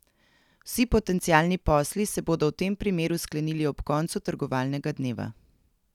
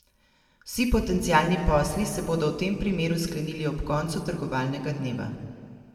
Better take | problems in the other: first | room echo; dies away in 1.9 s

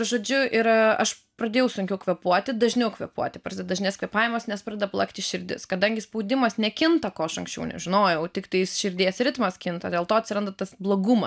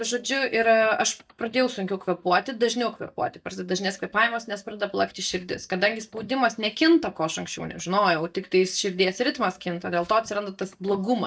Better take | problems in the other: first | noise reduction (neural mask model DeepFilterNet 3)

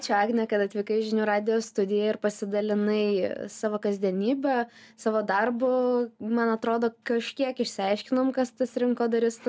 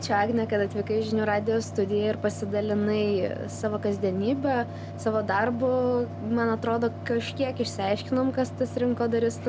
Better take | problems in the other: first | background sound (Mechanical fan); 10 dB below the speech

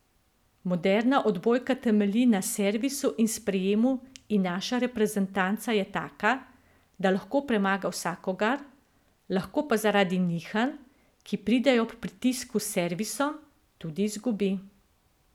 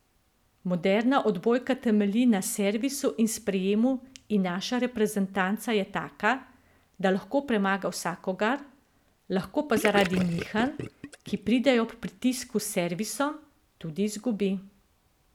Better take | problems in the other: first | background sound (Gurgling / Liquid); 8 dB below the speech

